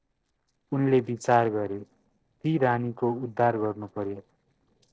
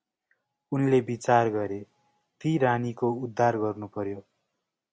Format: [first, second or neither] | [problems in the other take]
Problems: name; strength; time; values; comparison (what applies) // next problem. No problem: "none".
second | noise reduction (neural separator model SepFormer DNS4)